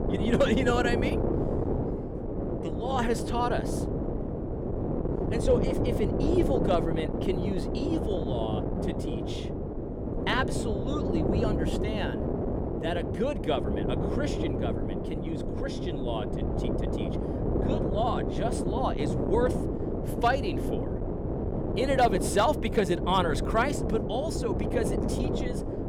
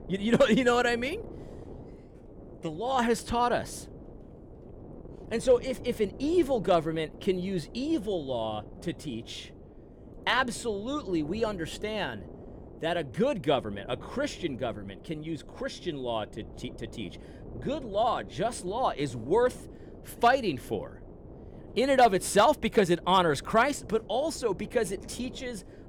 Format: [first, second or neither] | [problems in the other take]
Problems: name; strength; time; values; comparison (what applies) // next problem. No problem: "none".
second | wind noise on the microphone; heavy; 4 dB below the speech; occasional gusts in the second